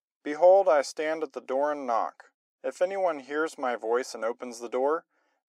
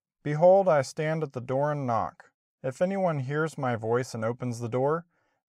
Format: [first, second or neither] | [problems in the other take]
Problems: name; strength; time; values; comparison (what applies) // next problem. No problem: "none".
second | thin; somewhat; fading below 300 Hz